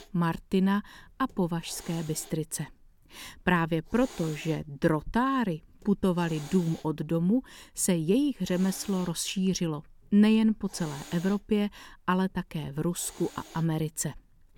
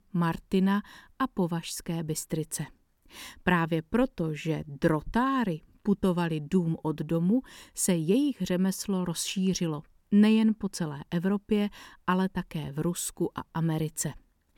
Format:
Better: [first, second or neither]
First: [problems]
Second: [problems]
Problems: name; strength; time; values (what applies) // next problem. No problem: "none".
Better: second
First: hiss; noticeable; throughout; 20 dB below the speech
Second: none